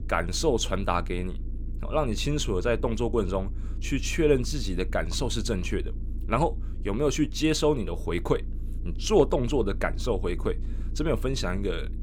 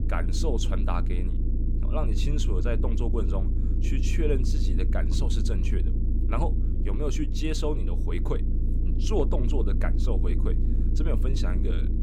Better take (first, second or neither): first